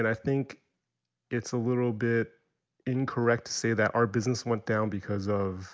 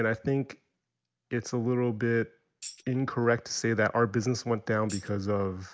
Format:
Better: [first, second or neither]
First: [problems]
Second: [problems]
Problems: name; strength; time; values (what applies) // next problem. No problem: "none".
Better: first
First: none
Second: background sound (Tambourine); 17 dB below the speech